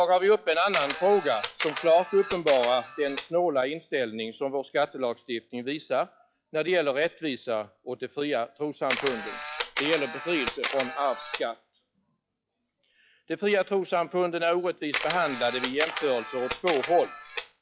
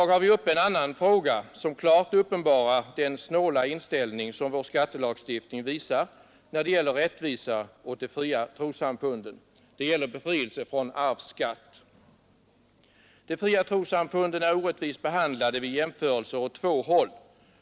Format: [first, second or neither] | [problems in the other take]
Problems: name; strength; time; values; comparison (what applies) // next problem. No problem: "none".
second | noise reduction (classical method log-MMSE)